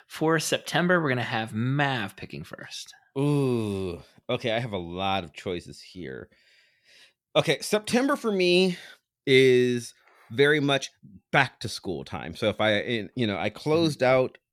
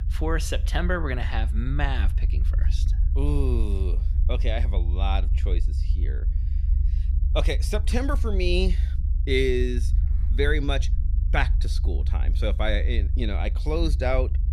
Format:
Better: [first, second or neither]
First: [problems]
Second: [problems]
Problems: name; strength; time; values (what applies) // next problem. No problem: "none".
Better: first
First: none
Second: low rumble; noticeable; throughout; 15 dB below the speech